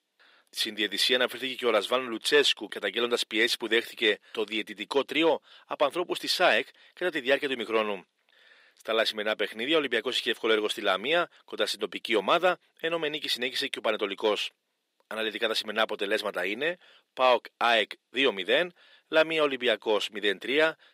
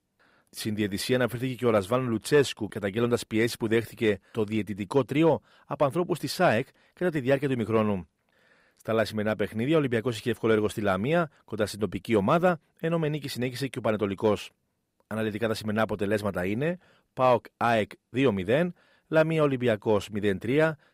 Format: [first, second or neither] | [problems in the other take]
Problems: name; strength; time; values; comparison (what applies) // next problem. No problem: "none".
second | thin; somewhat; fading below 300 Hz